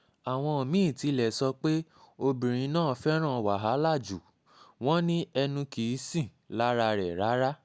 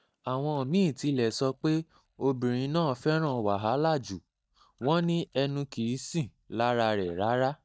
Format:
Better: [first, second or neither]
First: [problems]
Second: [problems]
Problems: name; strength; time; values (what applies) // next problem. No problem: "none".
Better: first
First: none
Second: noise reduction (neural mask model DeepFilterNet 3)